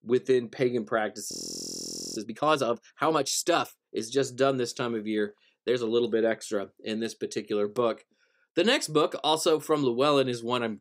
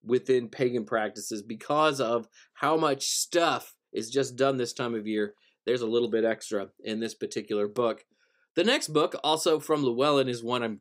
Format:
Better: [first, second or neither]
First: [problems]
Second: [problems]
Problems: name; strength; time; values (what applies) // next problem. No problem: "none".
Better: second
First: audio freezing; at 1.5 s for 1 s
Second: none